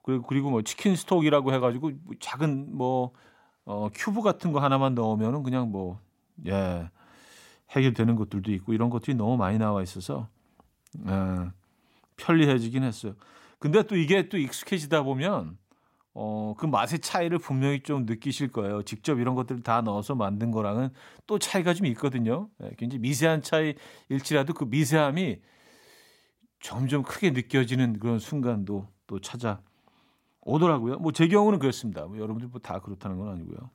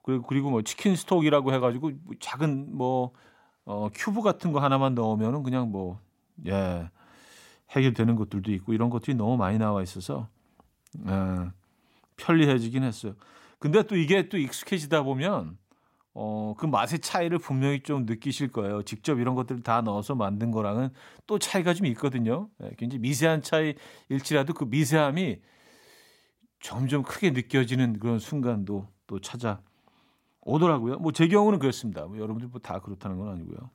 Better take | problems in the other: neither | none

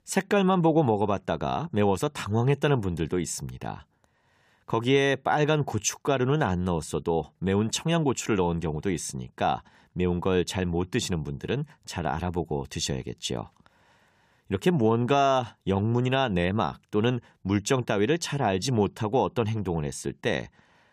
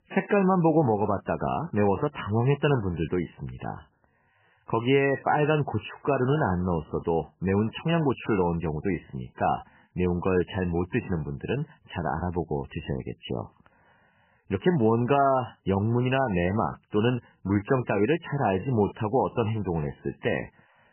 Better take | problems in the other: first | garbled, watery; badly; nothing above 3 kHz

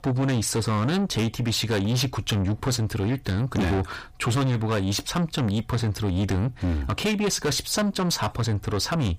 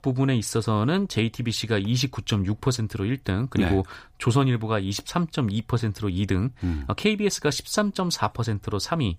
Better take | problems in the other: second | distortion; heavy; 7 dB below the speech

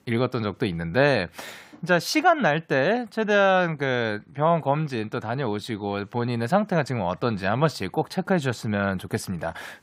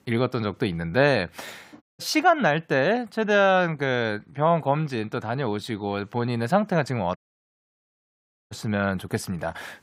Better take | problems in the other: first | audio cutting out; at 2 s and at 7 s for 1.5 s

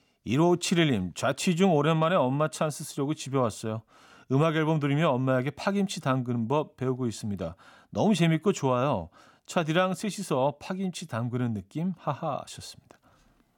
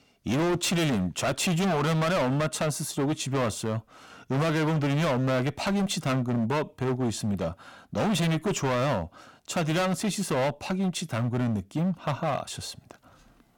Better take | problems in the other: first | distortion; heavy; 24% of the sound clipped

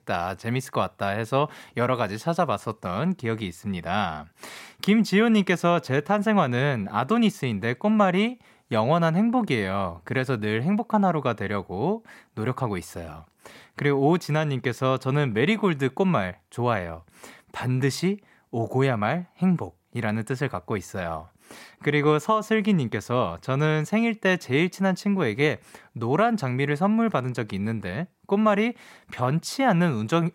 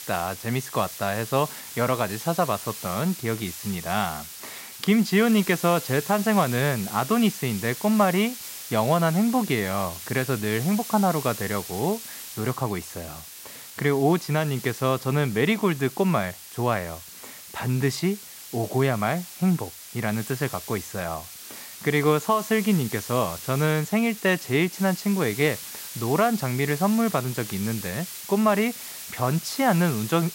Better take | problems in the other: first | hiss; noticeable; throughout; 10 dB below the speech

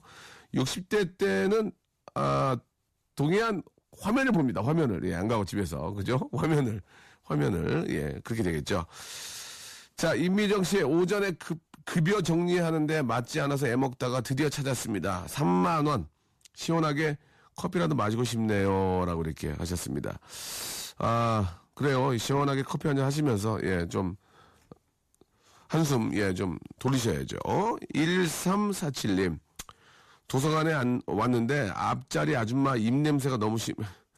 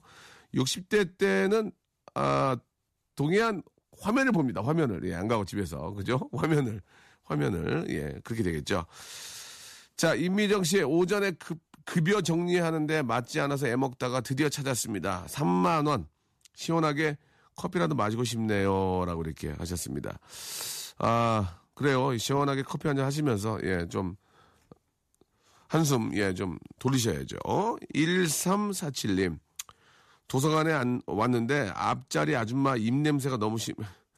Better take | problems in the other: second | distortion; slight; 10 dB below the speech

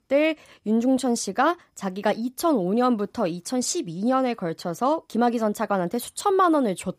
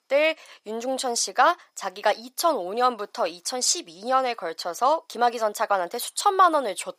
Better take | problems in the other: first | thin; very; fading below 700 Hz

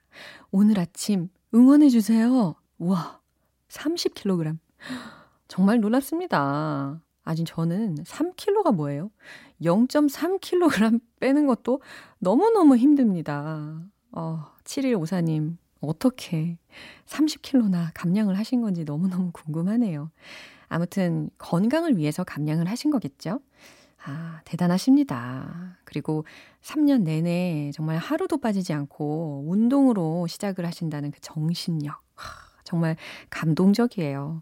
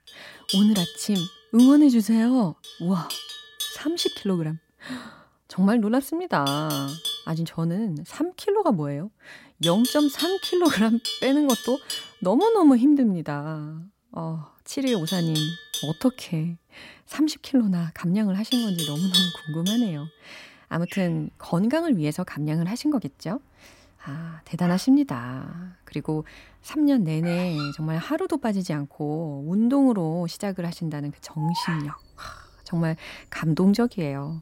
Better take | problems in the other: first | animal sounds; loud; throughout; 7 dB below the speech

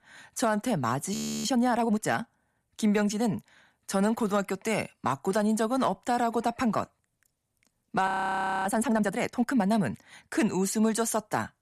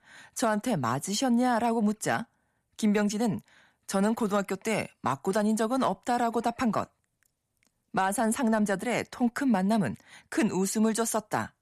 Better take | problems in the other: second | audio freezing; at 1 s and at 8 s for 0.5 s

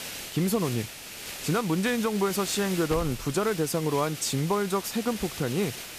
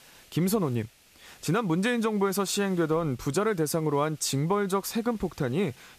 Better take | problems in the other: second | hiss; loud; throughout; 9 dB below the speech; faint in the second

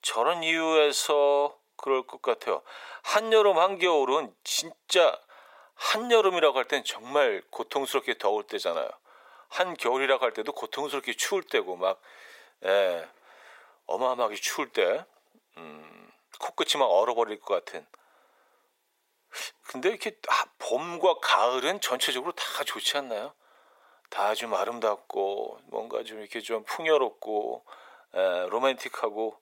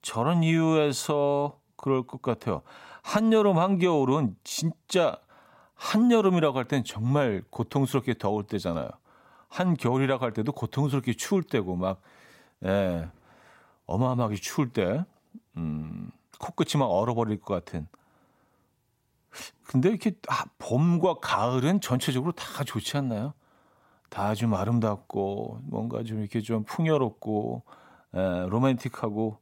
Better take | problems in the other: second | thin; very; fading below 450 Hz

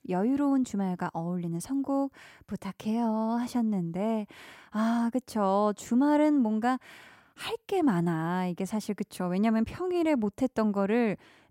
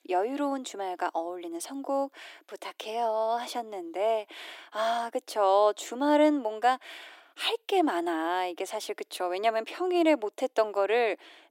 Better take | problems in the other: first | thin; very; fading below 300 Hz

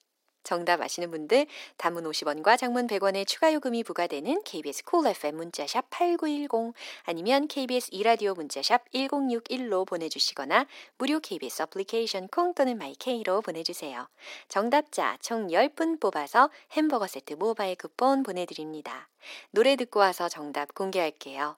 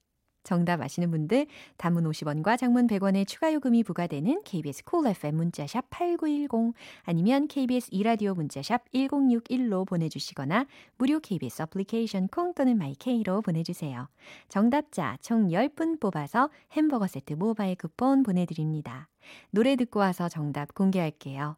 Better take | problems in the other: second | thin; somewhat; fading below 350 Hz

